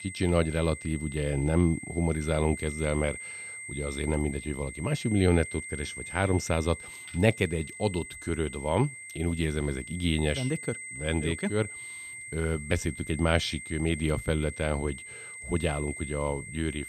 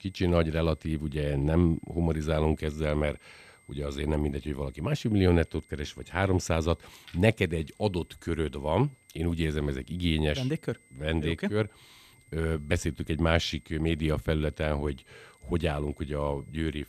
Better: second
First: high-pitched whine; loud; throughout; 2 kHz, 10 dB below the speech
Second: high-pitched whine; faint; throughout; 2 kHz, 30 dB below the speech

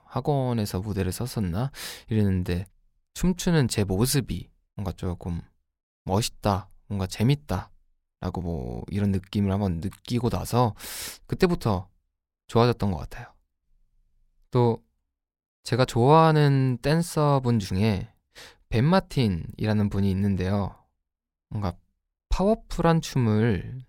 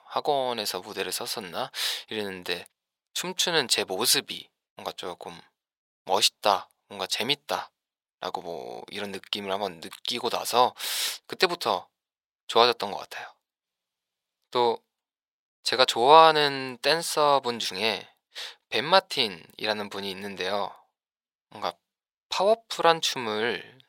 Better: first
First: none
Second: thin; very; fading below 650 Hz

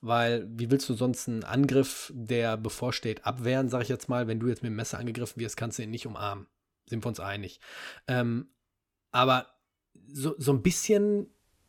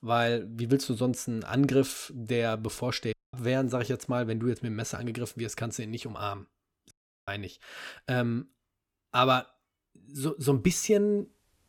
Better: first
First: none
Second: audio cutting out; at 3 s and at 7 s

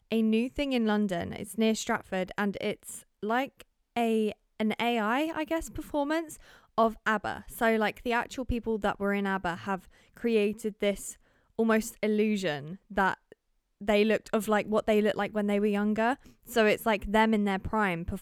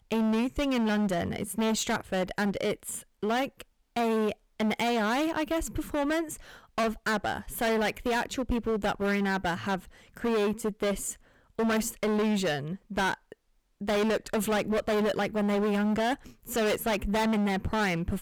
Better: first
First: none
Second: distortion; heavy; 22% of the sound clipped

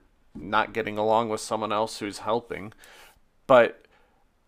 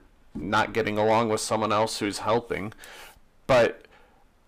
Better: first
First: none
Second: distortion; heavy; 6 dB below the speech

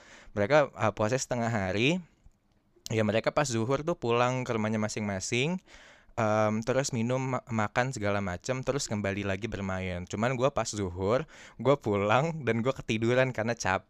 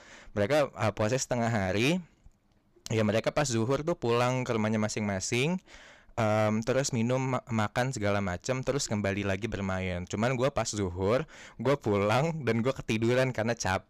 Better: first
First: none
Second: distortion; slight; 5% of the sound clipped

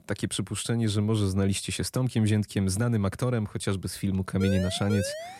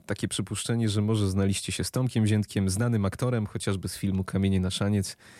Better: second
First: siren; noticeable; at 4.5 s; peak 7 dB below the speech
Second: none

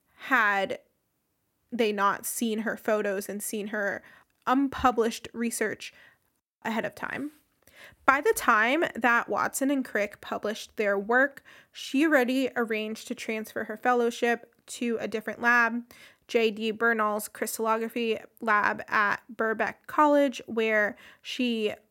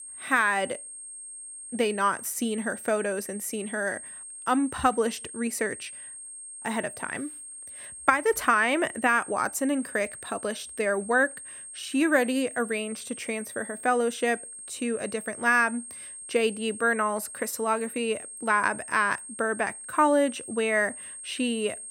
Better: first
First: none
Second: high-pitched whine; noticeable; throughout; 8.5 kHz, 10 dB below the speech

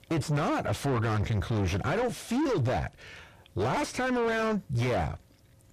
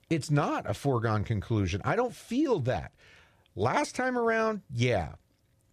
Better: second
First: distortion; heavy; 6 dB below the speech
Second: none

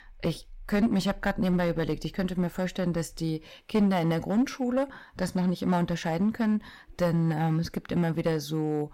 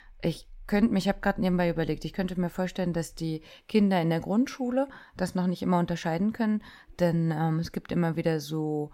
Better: second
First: distortion; slight; 5% of the sound clipped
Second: none

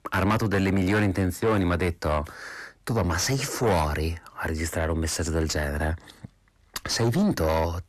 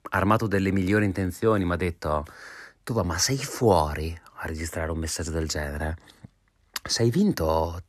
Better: second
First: distortion; heavy; 7 dB below the speech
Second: none

